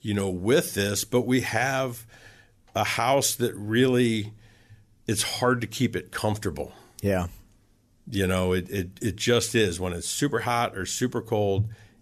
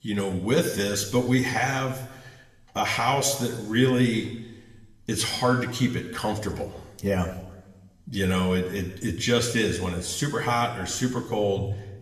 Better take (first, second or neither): first